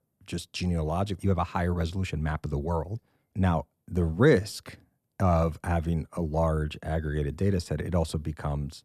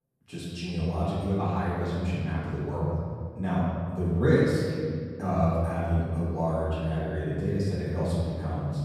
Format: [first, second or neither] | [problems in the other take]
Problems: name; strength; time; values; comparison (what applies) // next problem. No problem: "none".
first | off-mic speech; far // room echo; strong; dies away in 2 s